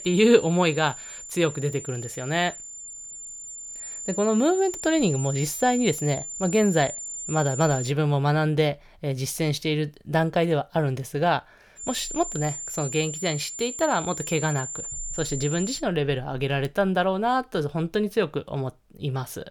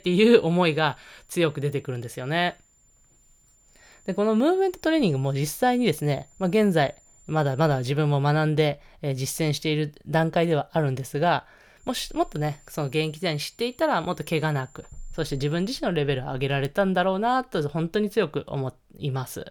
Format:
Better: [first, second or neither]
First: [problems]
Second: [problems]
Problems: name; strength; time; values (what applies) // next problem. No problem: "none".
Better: second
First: high-pitched whine; loud; until 8 s and from 12 to 16 s; 7 kHz, 8 dB below the speech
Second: high-pitched whine; faint; until 8 s and from 12 to 16 s; 7 kHz, 30 dB below the speech